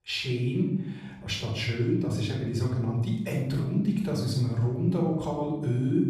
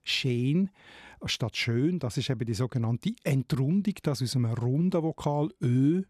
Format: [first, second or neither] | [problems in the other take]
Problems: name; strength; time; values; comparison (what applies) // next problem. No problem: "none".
second | off-mic speech; far // room echo; noticeable; dies away in 0.8 s